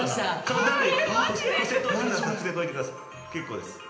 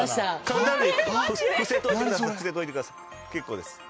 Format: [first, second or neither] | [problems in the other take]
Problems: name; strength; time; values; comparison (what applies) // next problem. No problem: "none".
second | room echo; dies away in 0.8 s